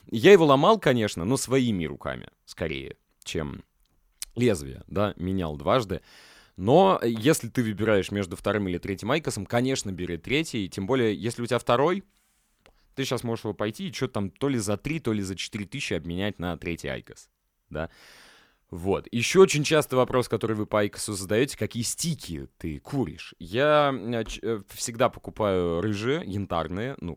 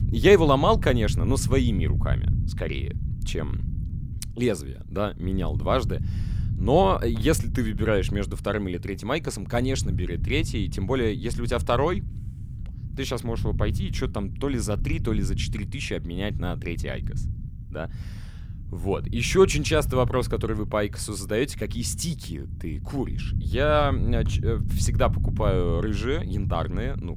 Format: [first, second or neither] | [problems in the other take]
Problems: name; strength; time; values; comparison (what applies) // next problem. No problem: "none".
first | low rumble; noticeable; throughout; 15 dB below the speech